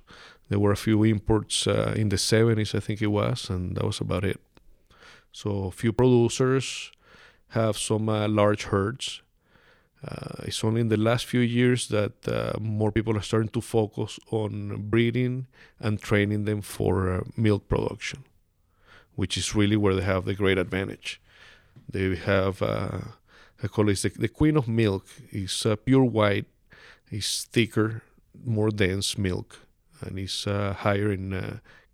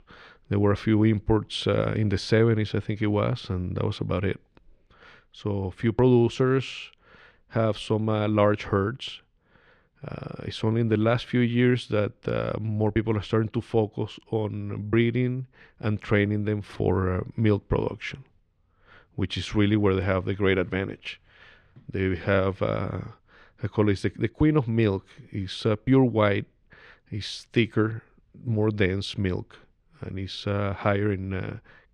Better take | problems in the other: first | muffled; slightly; fading above 3 kHz

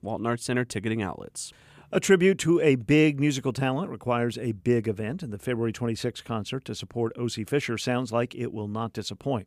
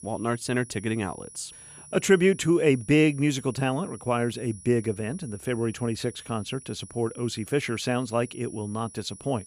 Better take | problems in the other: first | high-pitched whine; noticeable; throughout; 10 kHz, 20 dB below the speech

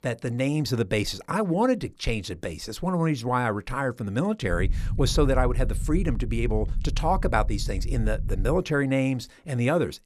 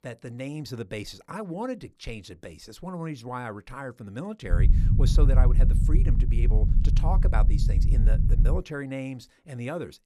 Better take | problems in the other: first | low rumble; loud; from 4.5 to 8.5 s; 4 dB below the speech; faint in the first

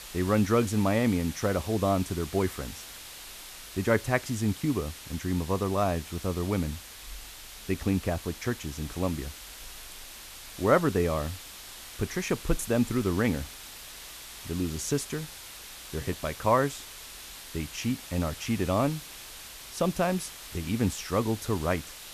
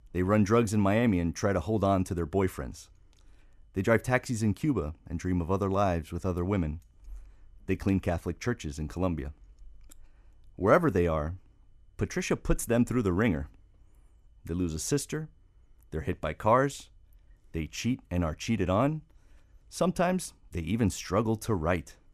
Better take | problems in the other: second | hiss; noticeable; throughout; 15 dB below the speech

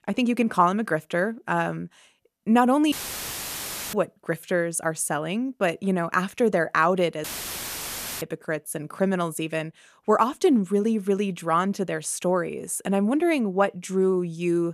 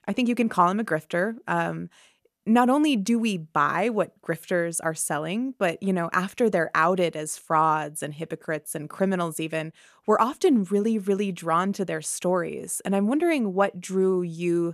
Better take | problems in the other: second | audio cutting out; filled with static; at 3 s for 1 s and at 7 s for 1 s

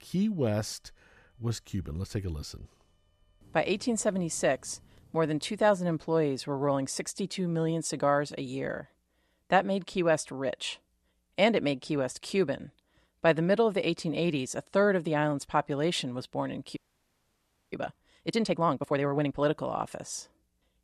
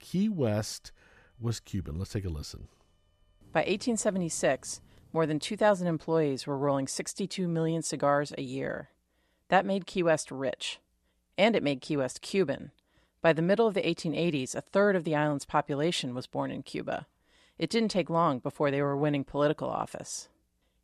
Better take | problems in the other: second | audio freezing; at 17 s for 1 s

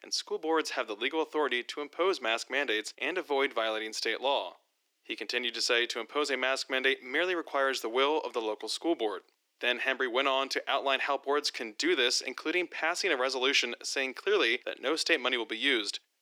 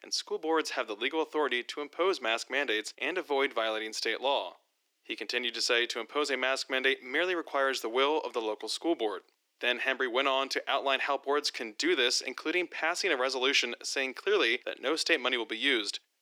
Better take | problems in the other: neither | thin; somewhat; fading below 300 Hz; the same in both

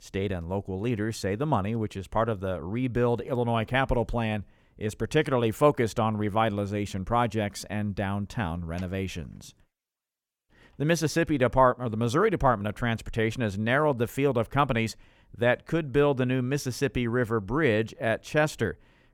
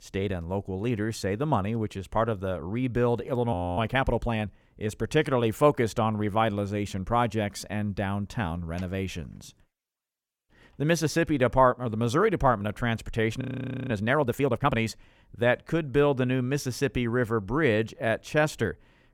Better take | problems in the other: first | audio freezing; at 3.5 s and at 13 s

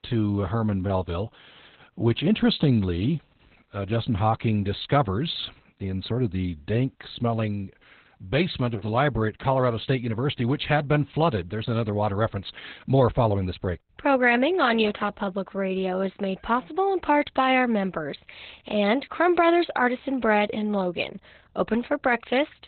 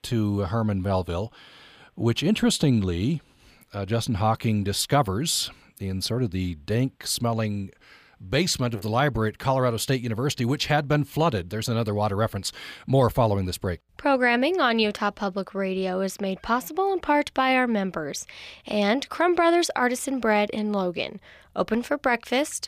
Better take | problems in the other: second | garbled, watery; badly; nothing above 4 kHz

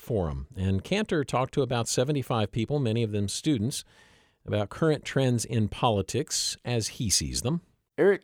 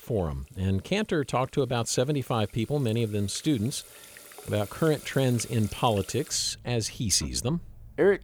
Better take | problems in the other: first | household noises; noticeable; throughout; 20 dB below the speech

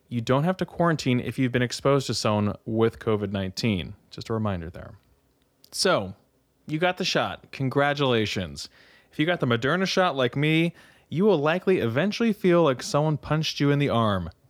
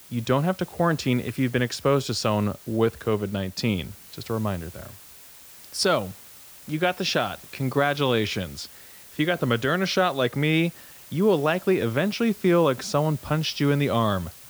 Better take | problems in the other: first | hiss; noticeable; throughout; 20 dB below the speech

